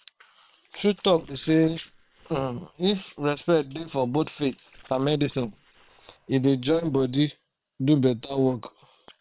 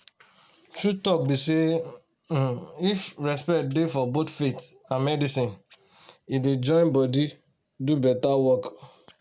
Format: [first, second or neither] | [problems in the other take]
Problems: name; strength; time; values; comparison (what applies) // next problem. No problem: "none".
second | noise reduction (neural separator model SepFormer WHAM!)